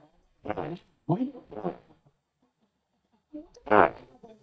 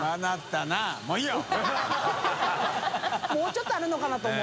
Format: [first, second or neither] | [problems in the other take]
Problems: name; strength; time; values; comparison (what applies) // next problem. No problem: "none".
second | noise reduction (neural mask model DeepFilterNet 3)